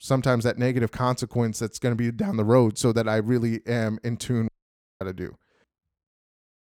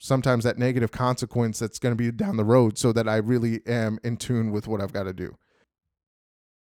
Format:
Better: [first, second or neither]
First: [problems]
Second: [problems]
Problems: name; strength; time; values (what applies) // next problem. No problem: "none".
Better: second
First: audio cutting out; at 4.5 s for 0.5 s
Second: none